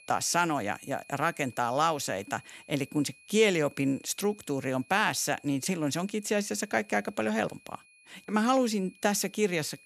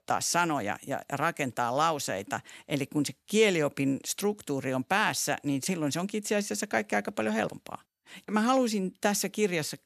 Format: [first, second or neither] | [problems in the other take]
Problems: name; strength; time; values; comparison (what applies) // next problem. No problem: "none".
second | high-pitched whine; faint; throughout; 2.5 kHz, 25 dB below the speech